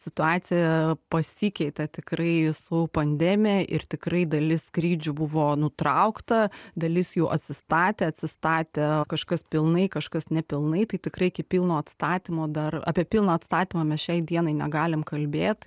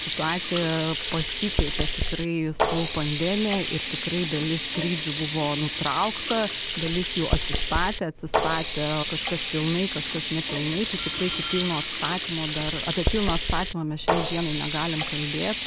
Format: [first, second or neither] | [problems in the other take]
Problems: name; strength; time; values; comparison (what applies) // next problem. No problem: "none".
first | background sound (Glass + Sink (filling or washing)); as loud as the speech